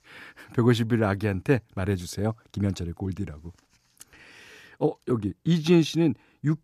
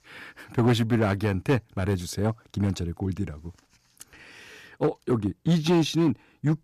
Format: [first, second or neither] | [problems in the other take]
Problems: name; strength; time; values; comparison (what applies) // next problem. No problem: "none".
first | distortion; slight; 4% of the sound clipped